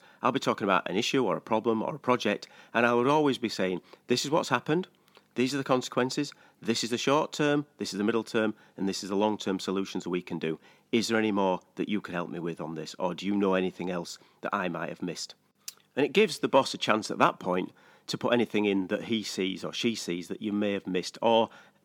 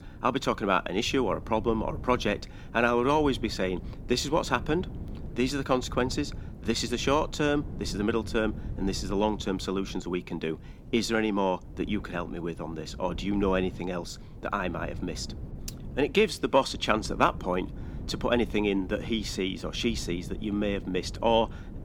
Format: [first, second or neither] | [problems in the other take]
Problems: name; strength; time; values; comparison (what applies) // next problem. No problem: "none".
first | wind noise on the microphone; occasional gusts; 20 dB below the speech